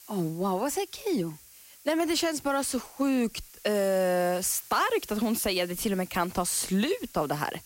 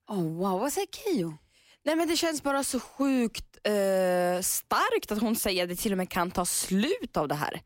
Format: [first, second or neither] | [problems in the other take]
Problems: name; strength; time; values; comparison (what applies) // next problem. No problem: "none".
second | hiss; noticeable; throughout; 20 dB below the speech